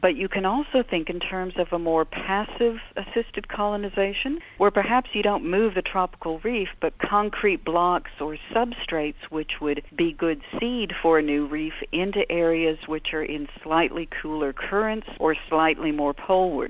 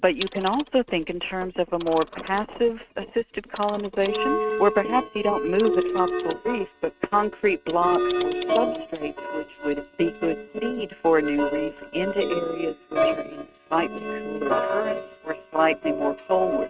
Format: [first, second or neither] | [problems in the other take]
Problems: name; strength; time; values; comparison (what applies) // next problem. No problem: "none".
first | noise reduction (neural mask model RNNoise)